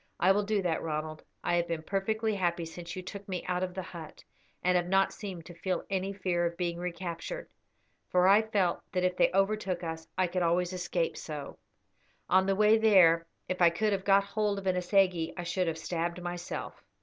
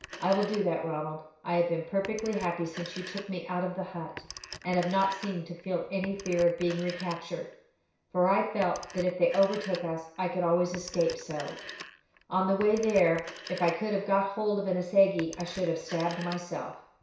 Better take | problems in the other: first | background sound (Telephone); 17 dB below the speech // room echo; dies away in 0.6 s

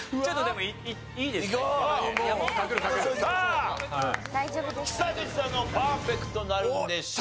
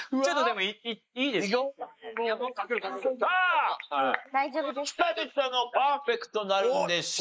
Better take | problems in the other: first | noise reduction (neural mask model Resemble Enhance denoiser)

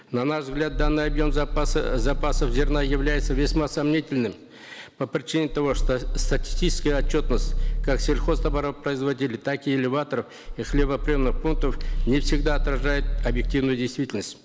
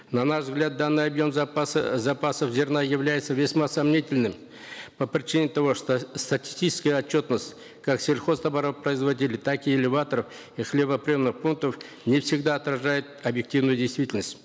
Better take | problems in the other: second | background sound (Growling); 1 dB above the speech

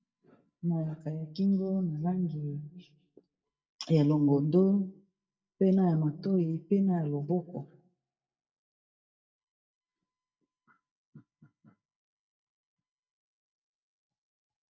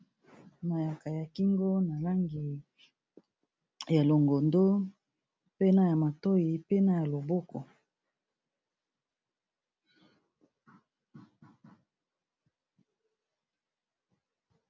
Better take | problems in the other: second | noise reduction (neural mask model DeepFilterNet 3)

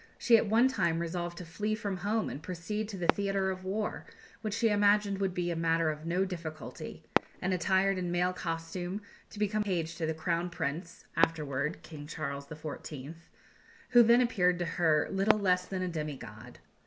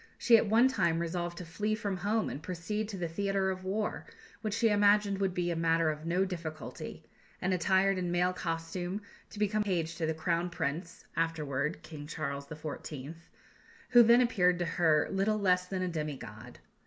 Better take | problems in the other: second | background sound (Fireworks); 11 dB below the speech

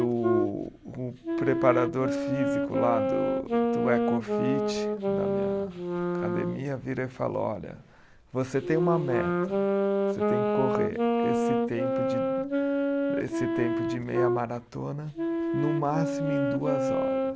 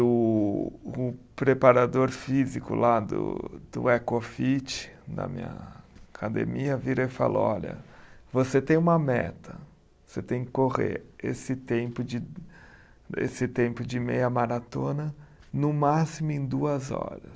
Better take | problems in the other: second | background sound (Wind instrument, woodwind instrument); 3 dB above the speech

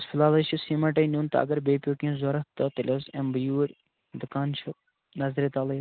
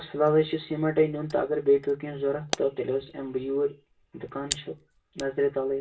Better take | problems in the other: first | background sound (Camera); 16 dB below the speech // room echo; dies away in 0.2 s

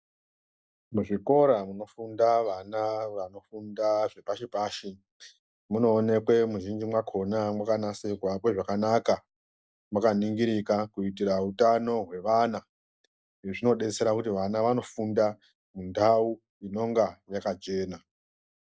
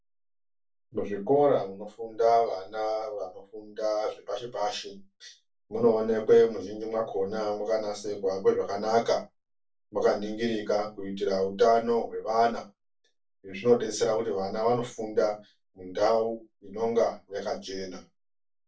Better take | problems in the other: first | room echo; dies away in 0.2 s

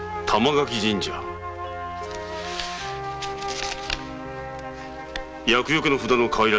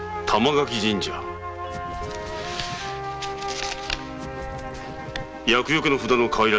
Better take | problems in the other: first | background sound (Scratching (performance technique)); 14 dB below the speech

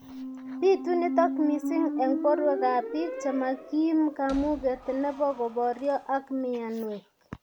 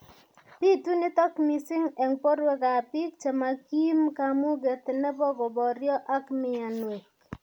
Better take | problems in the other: second | background sound (Squeak); 8 dB below the speech

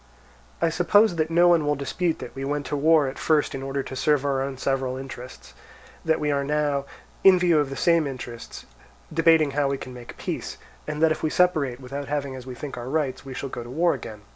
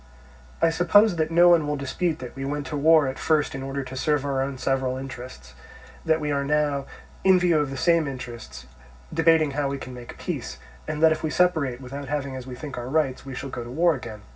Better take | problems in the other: first | room echo; dies away in 0.4 s

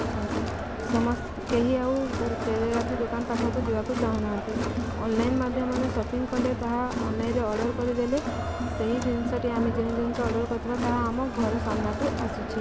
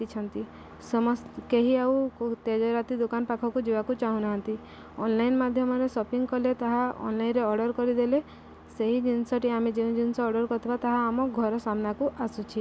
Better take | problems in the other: second | background sound (Crowd); 2 dB below the speech

